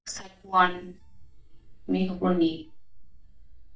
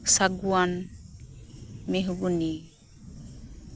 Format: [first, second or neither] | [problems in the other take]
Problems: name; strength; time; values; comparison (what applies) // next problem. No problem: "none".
second | noise reduction (neural mask model DeepFilterNet 3)